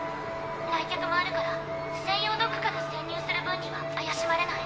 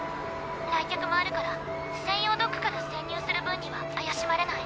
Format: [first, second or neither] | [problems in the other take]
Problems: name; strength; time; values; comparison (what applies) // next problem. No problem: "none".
second | room echo; dies away in 1.6 s